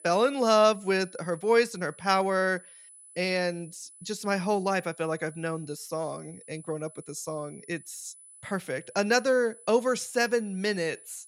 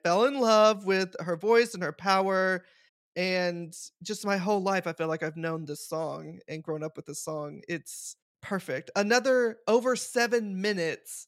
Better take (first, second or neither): second